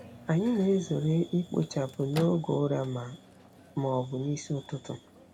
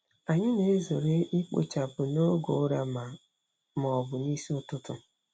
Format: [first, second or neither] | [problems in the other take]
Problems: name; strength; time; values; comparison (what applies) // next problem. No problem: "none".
second | background sound (Microwave oven); 18 dB below the speech